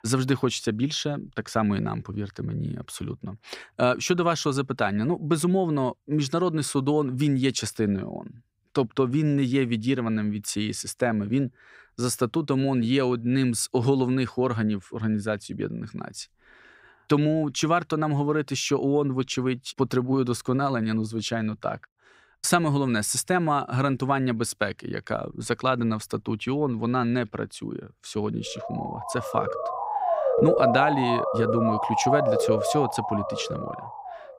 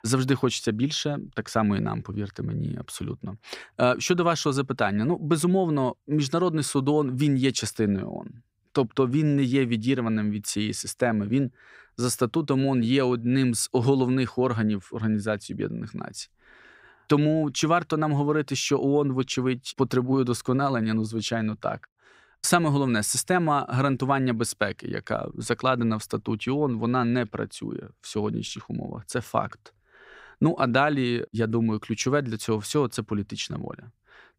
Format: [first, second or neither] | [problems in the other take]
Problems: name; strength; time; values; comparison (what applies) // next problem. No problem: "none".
second | siren; loud; from 29 to 34 s; peak 5 dB above the speech